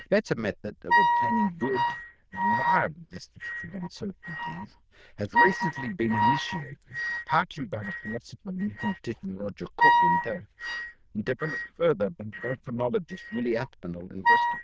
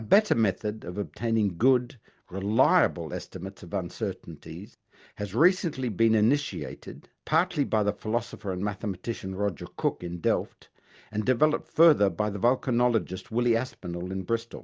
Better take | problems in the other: second | noise reduction (neural diffusion model UNIVERSE++)

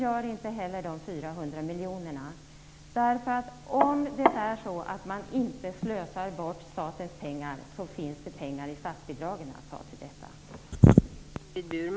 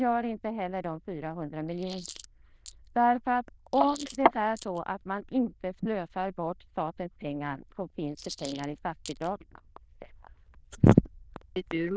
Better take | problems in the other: first | noise reduction (neural diffusion model UNIVERSE++)

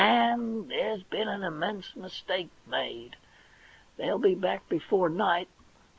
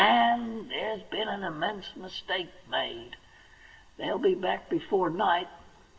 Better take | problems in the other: first | room echo; dies away in 0.7 s

